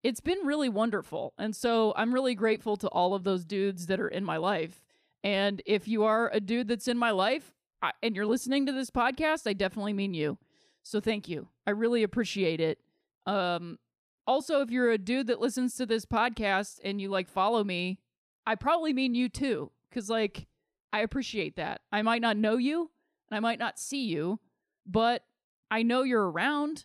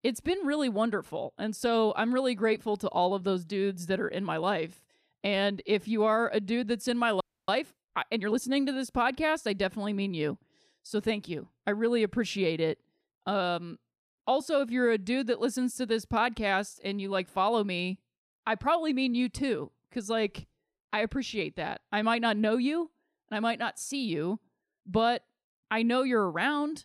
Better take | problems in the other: first | audio freezing; at 7 s

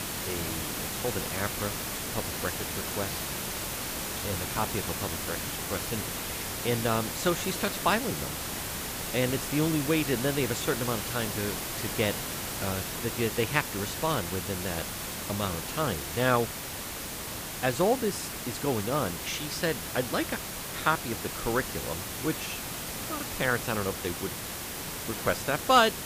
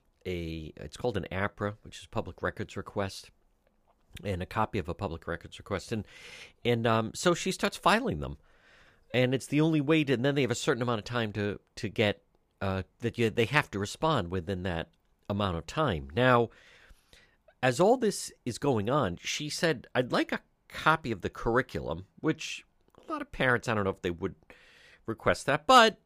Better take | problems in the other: second | hiss; loud; throughout; 2 dB below the speech

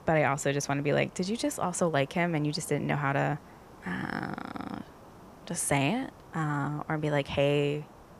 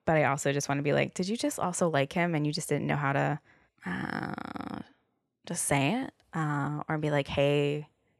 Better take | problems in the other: second | hiss; faint; throughout; 20 dB below the speech

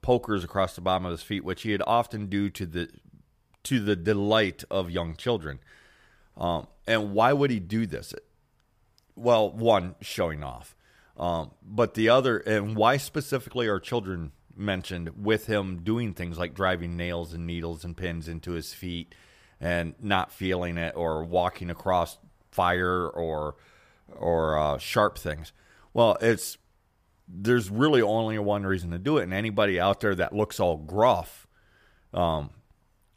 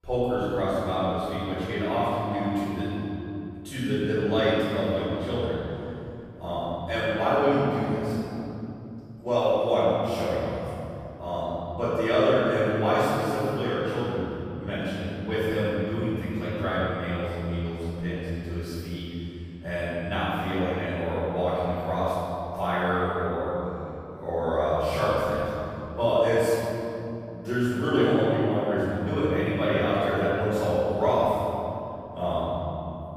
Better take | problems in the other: first | off-mic speech; far // room echo; strong; dies away in 3 s

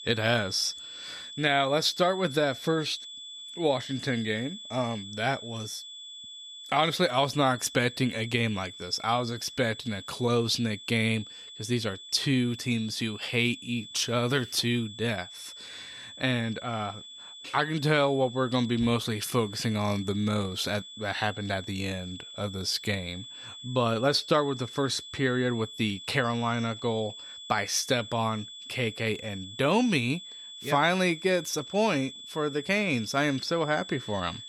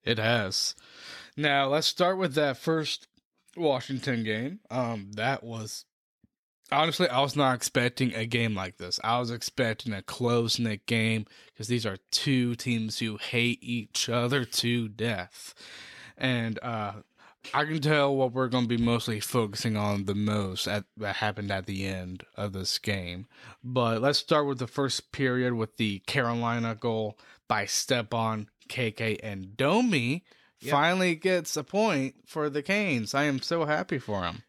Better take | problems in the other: second | high-pitched whine; noticeable; throughout; 3.5 kHz, 15 dB below the speech

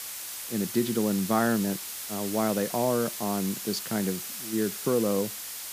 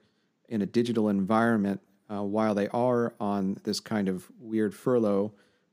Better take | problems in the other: second | hiss; loud; throughout; 6 dB below the speech

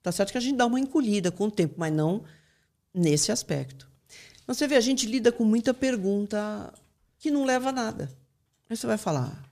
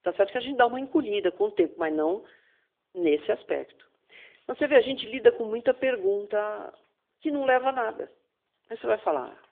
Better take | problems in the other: first | phone-call audio

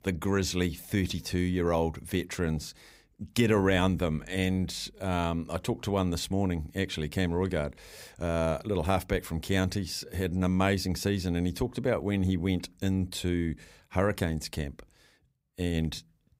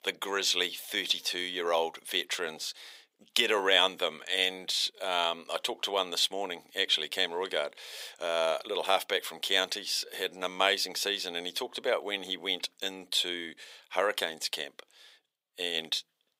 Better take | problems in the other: first | thin; very; fading below 500 Hz

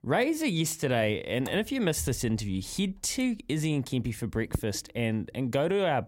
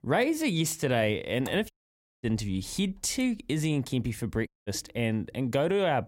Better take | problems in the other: first | audio cutting out; at 1.5 s for 0.5 s and at 4.5 s

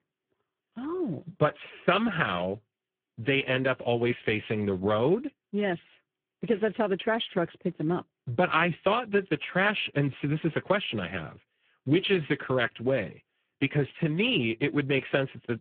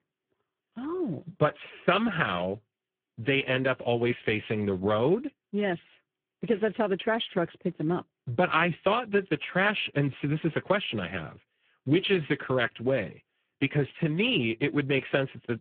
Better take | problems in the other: neither | phone-call audio; poor line; the same in both

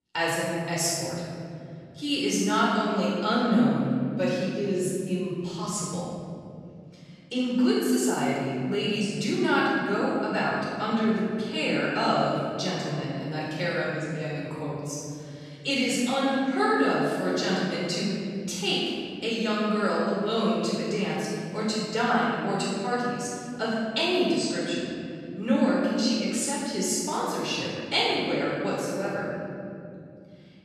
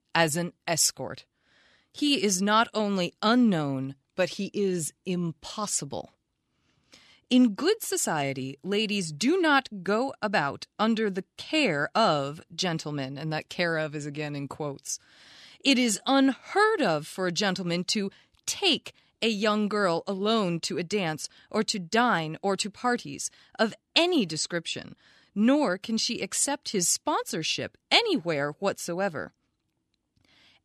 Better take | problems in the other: second | off-mic speech; far // room echo; strong; dies away in 3 s

